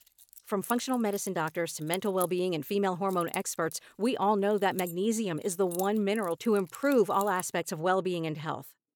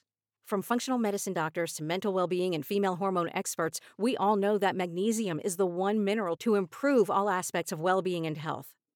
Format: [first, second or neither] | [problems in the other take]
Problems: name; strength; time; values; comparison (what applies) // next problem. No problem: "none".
second | jangling keys; noticeable; until 7.5 s; peak 7 dB below the speech